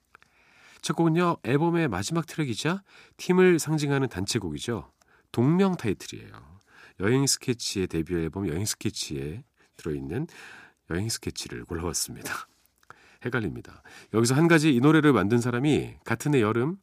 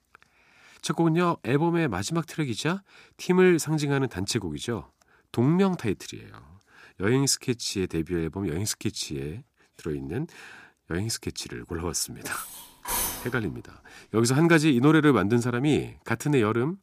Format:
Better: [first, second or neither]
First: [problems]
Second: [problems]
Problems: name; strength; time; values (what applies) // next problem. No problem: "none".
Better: first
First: none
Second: clattering dishes; noticeable; at 12 s; peak 1 dB below the speech